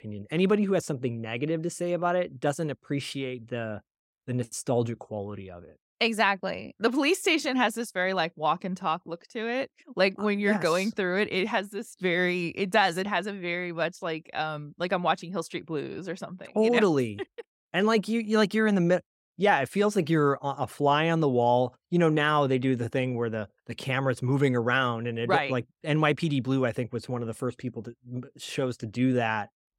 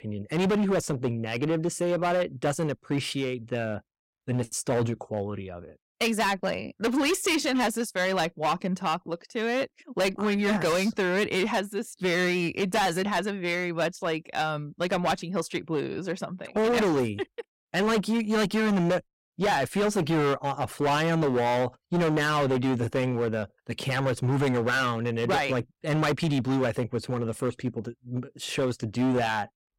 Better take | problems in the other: first | distortion; heavy; 15% of the sound clipped

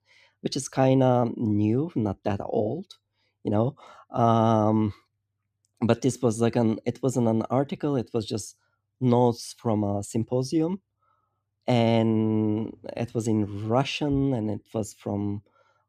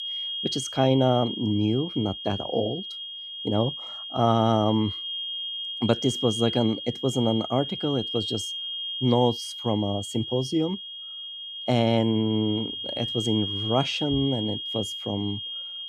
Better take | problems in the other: first | high-pitched whine; loud; throughout; 3 kHz, 5 dB below the speech

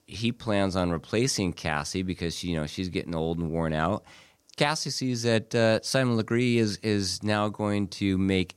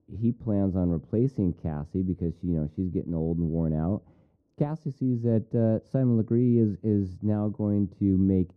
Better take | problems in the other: first | muffled; very; fading above 1 kHz

